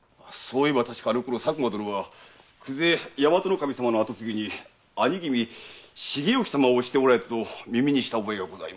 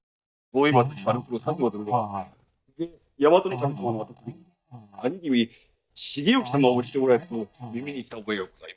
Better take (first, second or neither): first